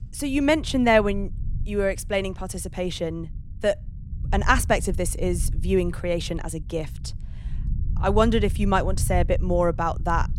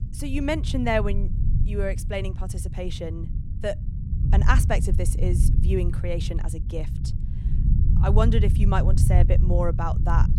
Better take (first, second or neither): first